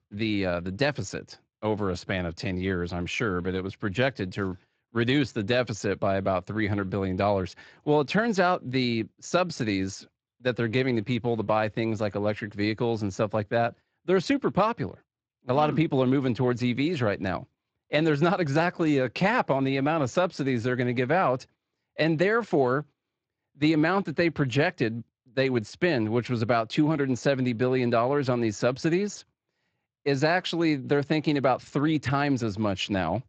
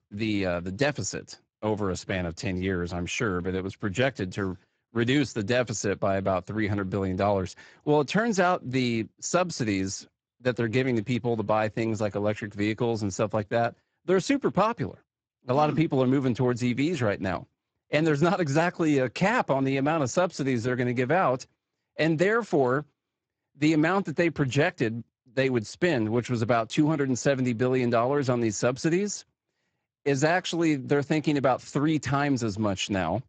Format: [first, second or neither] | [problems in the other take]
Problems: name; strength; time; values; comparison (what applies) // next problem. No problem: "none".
first | garbled, watery; badly; nothing above 7.5 kHz; slightly in the first